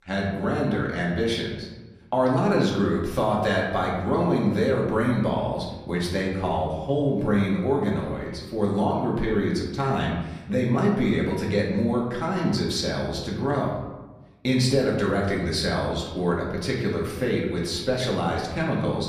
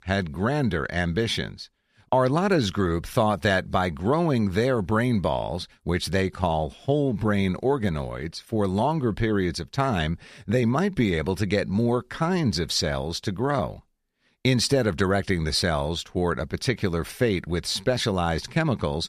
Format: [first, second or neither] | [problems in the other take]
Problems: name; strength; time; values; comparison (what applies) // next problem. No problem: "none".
second | room echo; noticeable; dies away in 1 s // off-mic speech; far